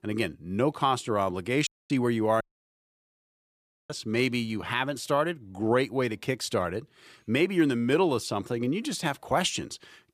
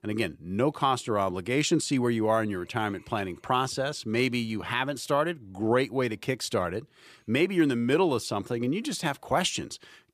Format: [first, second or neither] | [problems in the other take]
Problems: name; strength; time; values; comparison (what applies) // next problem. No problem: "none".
second | audio cutting out; at 1.5 s and at 2.5 s for 1.5 s